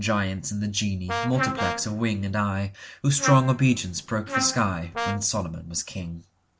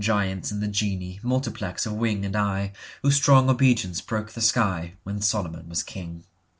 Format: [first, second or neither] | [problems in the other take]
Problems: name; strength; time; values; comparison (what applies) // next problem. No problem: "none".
second | background sound (Trumpet + Brass instrument); 5 dB below the speech